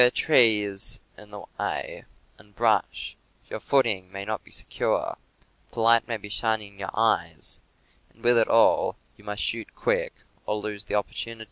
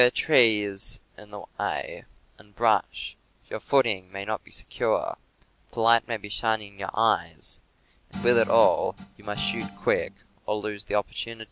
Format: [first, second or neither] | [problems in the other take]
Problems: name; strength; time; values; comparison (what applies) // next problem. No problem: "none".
first | background sound (Guitar); 12 dB below the speech